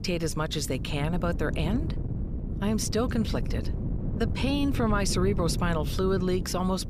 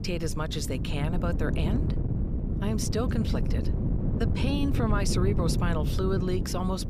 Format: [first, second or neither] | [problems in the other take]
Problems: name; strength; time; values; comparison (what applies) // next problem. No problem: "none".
first | wind noise on the microphone; heavy; 6 dB below the speech; occasional gusts in the first